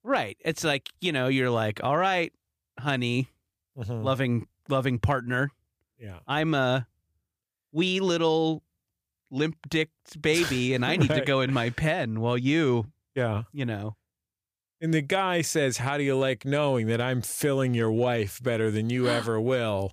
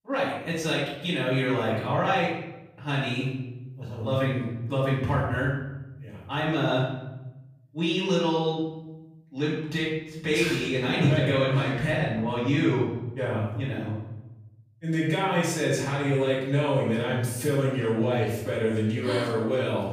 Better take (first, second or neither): first